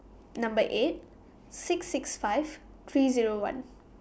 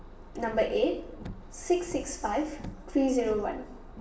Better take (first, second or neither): first